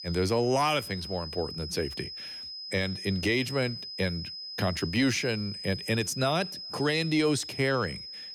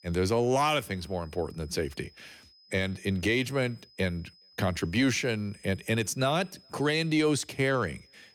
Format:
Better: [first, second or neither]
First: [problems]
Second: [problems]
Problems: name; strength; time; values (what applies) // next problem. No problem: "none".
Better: second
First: high-pitched whine; loud; throughout; 5 kHz, 8 dB below the speech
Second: high-pitched whine; faint; throughout; 5 kHz, 25 dB below the speech